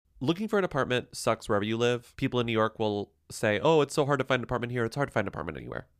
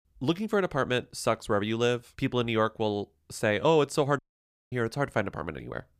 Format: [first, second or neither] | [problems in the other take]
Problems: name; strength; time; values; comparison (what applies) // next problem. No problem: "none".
first | audio cutting out; at 4 s for 0.5 s